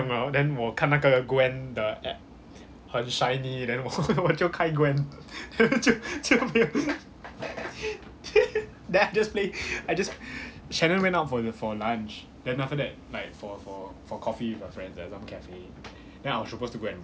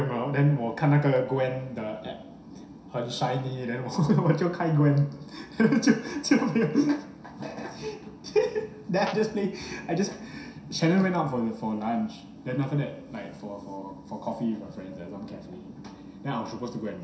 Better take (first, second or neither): first